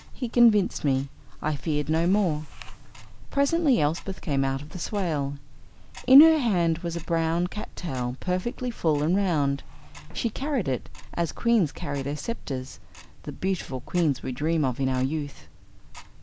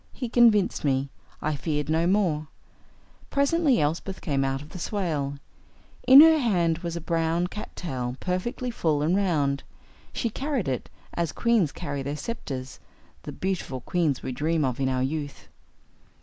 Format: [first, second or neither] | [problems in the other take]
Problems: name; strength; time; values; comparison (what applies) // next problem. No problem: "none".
second | background sound (Tick-tock); 15 dB below the speech